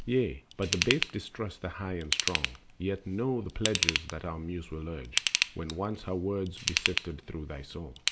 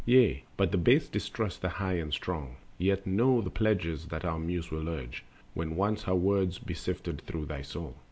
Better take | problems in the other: second | background sound (Ratchet, pawl / Tools); 1 dB below the speech

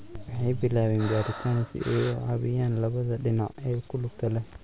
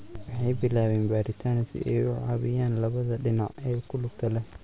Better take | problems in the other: second | background sound (Breathing); 14 dB below the speech

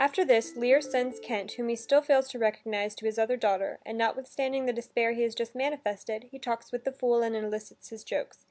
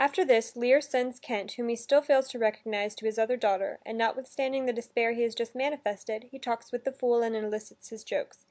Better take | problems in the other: second | background sound (Ringtone); 18 dB below the speech

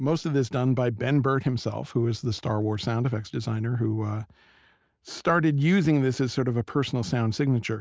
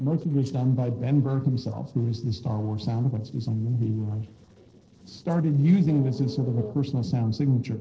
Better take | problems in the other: first | noise reduction (neural separator model SepFormer DNS4)

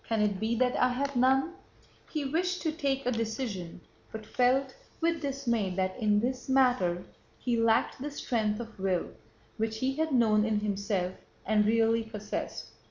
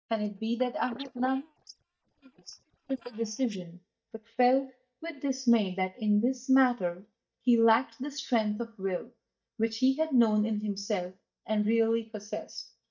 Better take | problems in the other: first | noise reduction (neural mask model DeepFilterNet 3)

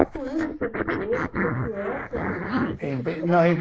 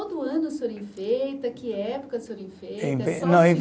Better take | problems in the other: second | noise reduction (neural mask model Resemble Enhance denoiser)

